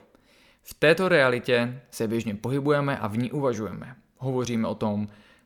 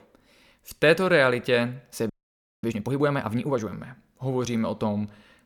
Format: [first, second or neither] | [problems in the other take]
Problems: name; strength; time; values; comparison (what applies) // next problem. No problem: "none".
first | audio freezing; at 2 s for 0.5 s